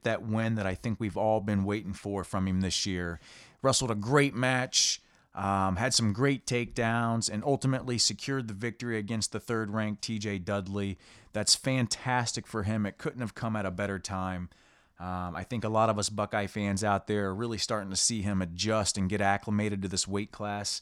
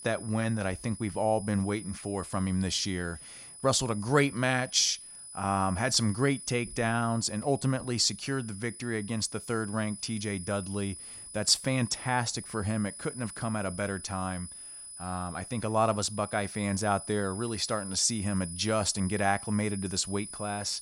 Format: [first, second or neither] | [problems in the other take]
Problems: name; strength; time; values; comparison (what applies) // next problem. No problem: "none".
first | high-pitched whine; noticeable; throughout; 10 kHz, 10 dB below the speech